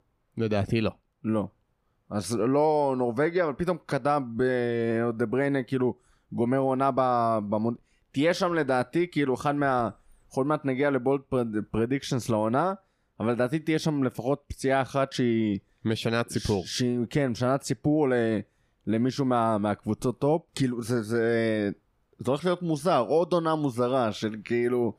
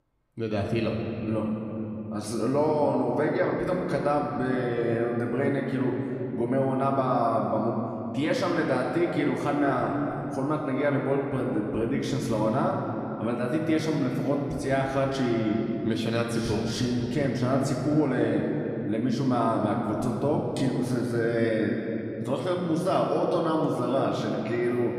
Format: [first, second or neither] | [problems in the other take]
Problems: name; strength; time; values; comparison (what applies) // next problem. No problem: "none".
first | room echo; noticeable; dies away in 2.8 s // off-mic speech; somewhat distant